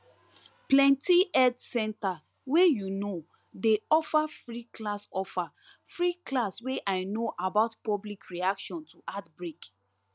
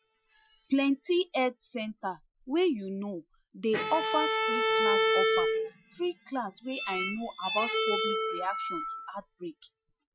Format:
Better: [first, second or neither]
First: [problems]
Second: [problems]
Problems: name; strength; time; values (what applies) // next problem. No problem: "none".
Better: first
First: none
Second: noise reduction (classical method Wiener filter)